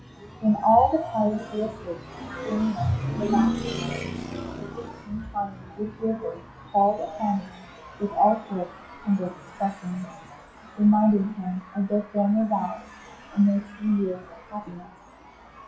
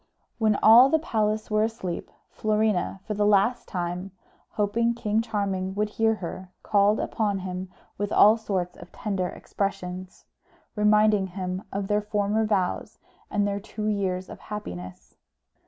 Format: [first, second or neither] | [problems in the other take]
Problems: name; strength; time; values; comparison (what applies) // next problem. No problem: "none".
second | noise reduction (classical method WPE with log-MMSE)